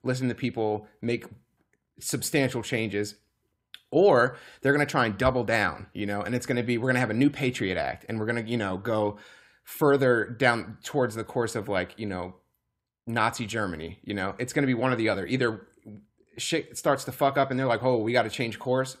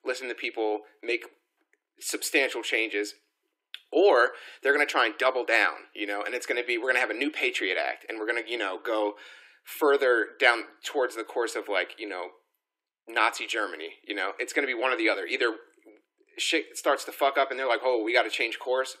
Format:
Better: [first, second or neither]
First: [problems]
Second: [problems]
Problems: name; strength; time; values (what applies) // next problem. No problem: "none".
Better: first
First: none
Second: thin; very; fading below 300 Hz